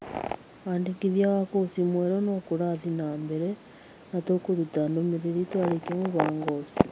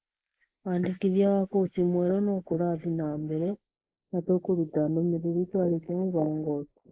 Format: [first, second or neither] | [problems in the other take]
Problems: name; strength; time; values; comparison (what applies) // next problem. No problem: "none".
first | noise reduction (neural mask model Resemble Enhance denoiser)